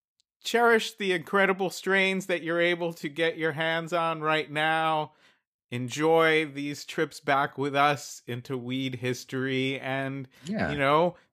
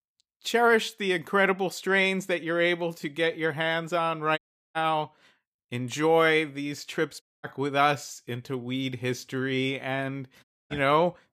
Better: first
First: none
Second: audio cutting out; at 4.5 s, at 7 s and at 10 s

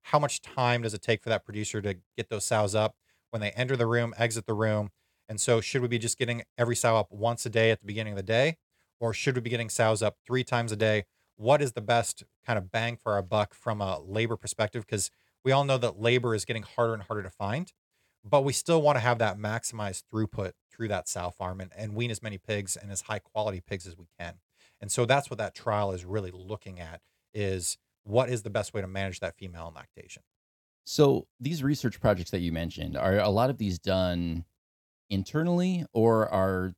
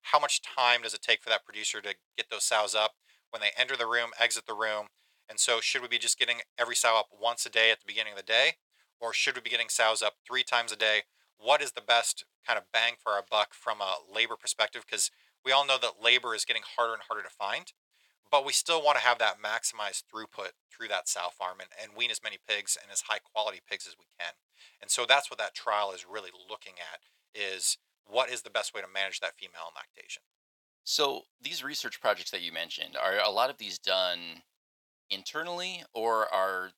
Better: first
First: none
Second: thin; very; fading below 900 Hz

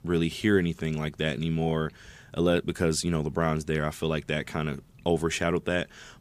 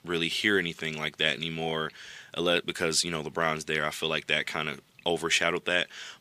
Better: first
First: none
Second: thin; somewhat; fading below 600 Hz

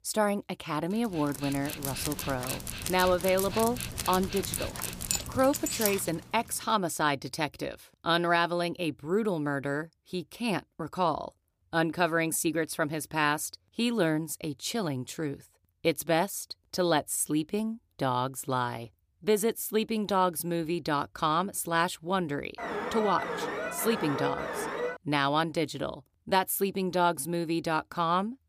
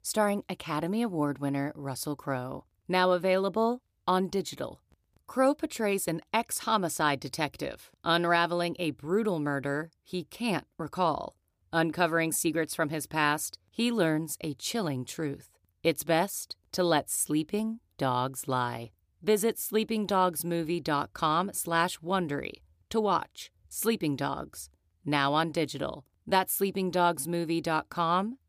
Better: second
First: dog barking; noticeable; from 1.5 to 6 s; peak level with the speech // alarm; noticeable; from 23 to 25 s; peak 3 dB below the speech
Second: none

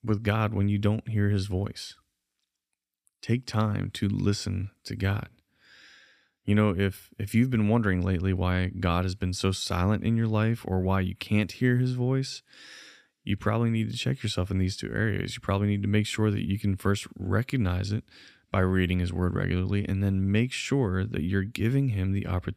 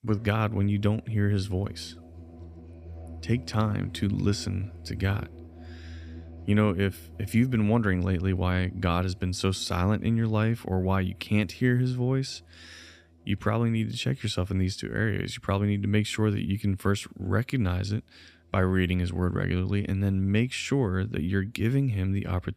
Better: first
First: none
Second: background music; noticeable; throughout; 20 dB below the speech

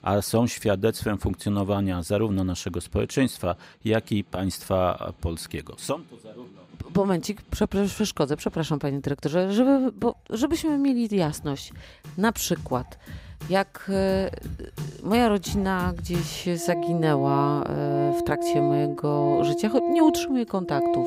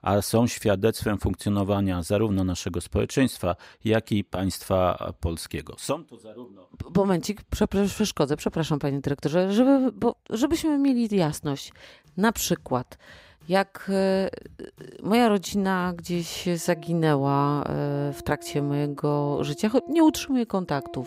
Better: second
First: background music; loud; throughout; 4 dB below the speech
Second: background music; faint; throughout; 20 dB below the speech

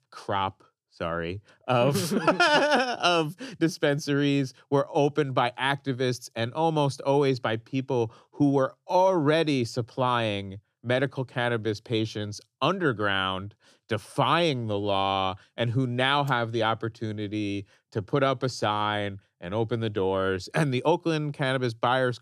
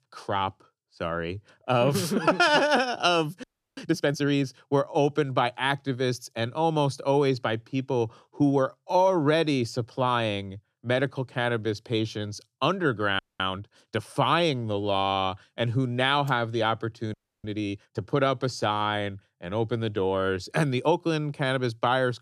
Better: first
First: none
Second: audio freezing; at 3.5 s, at 13 s and at 17 s

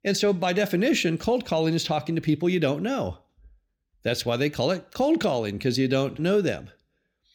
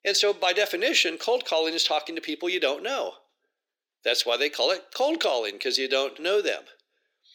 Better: first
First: none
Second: thin; very; fading below 400 Hz

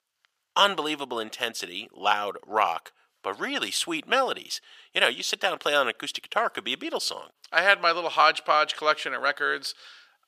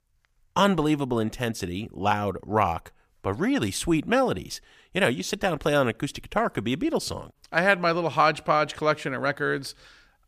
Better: second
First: thin; very; fading below 550 Hz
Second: none

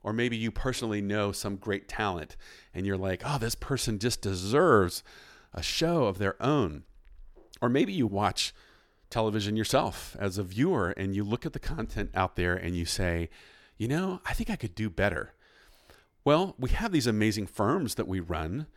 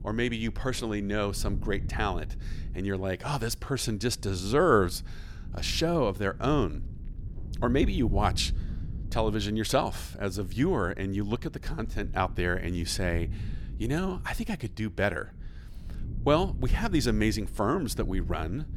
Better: first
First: none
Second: low rumble; faint; throughout; 20 dB below the speech

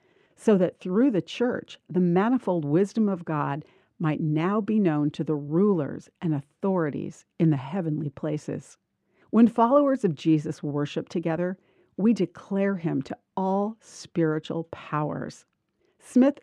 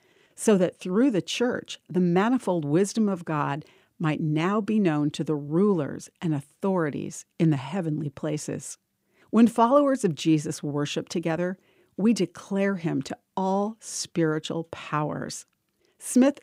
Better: second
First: muffled; slightly; fading above 1.5 kHz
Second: none

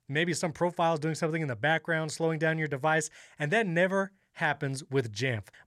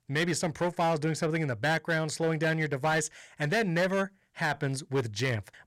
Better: first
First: none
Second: distortion; slight; 9% of the sound clipped

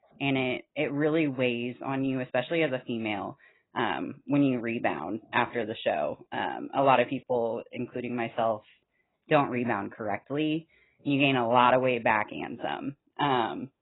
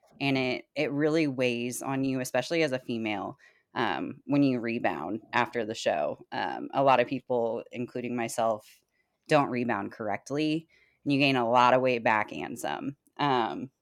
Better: second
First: garbled, watery; badly; nothing above 4 kHz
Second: none

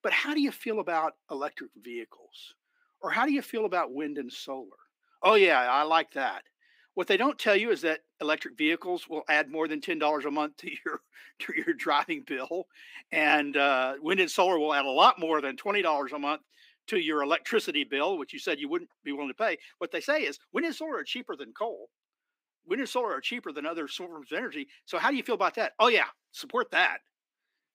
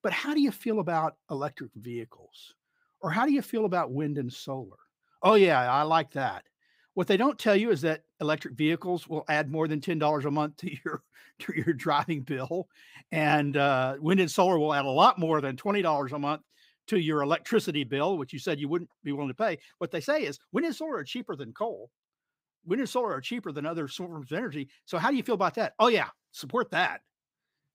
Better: second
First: thin; very slightly; fading below 250 Hz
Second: none

